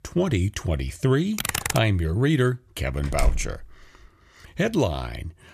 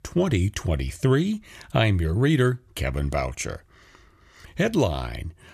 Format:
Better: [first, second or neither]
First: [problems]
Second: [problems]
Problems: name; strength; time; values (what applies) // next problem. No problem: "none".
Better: second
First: keyboard typing; noticeable; at 1.5 s; peak 1 dB below the speech // door banging; noticeable; at 3 s; peak 3 dB below the speech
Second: none